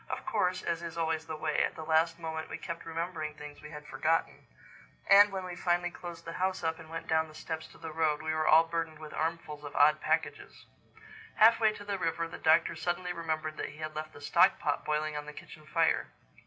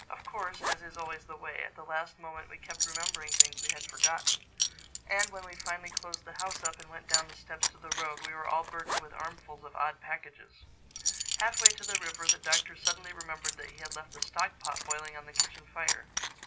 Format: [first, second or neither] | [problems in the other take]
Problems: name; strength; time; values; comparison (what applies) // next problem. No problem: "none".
first | background sound (Coin (dropping) / Zipper (clothing)); 5 dB above the speech